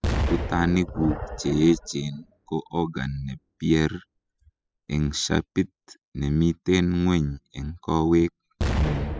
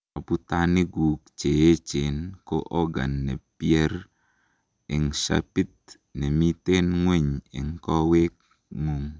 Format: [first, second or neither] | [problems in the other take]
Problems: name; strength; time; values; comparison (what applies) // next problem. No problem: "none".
second | noise reduction (classical method spectral subtraction)